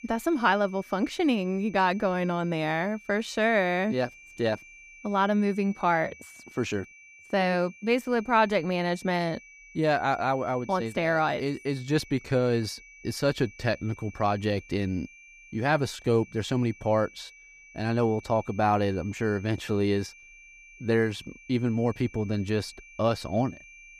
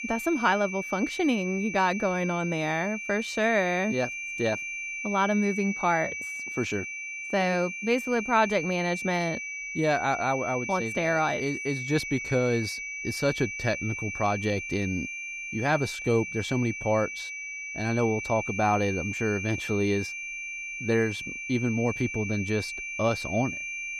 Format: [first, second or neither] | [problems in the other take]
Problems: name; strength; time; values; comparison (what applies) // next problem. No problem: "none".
first | high-pitched whine; loud; throughout; 2.5 kHz, 5 dB below the speech; faint in the first